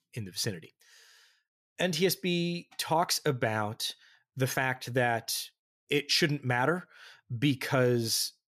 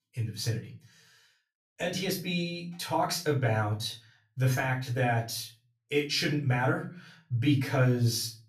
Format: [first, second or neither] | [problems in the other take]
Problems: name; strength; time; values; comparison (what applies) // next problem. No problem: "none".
first | off-mic speech; far // room echo; slight; dies away in 0.4 s